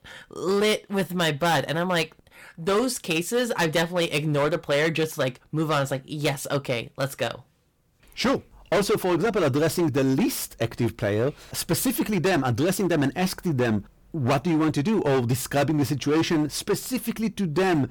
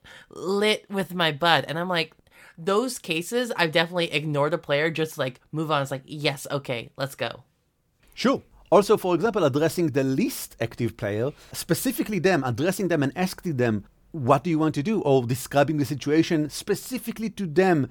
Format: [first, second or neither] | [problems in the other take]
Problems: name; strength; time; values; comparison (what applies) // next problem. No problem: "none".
second | distortion; heavy; 12% of the sound clipped